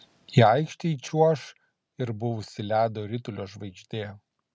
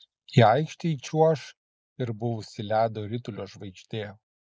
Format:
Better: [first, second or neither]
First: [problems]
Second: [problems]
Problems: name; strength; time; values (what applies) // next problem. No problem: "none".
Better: first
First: none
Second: noise reduction (neural mask model Resemble Enhance denoiser)